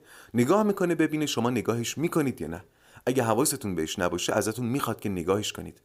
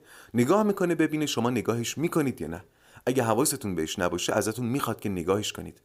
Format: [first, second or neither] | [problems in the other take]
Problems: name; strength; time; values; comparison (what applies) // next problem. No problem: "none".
neither | none